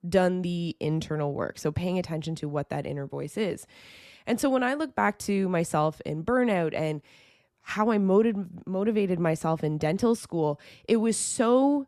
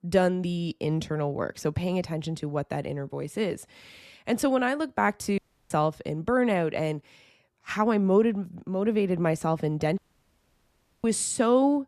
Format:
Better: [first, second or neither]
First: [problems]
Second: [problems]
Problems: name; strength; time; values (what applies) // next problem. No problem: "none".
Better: first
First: none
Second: audio cutting out; at 5.5 s and at 10 s for 1 s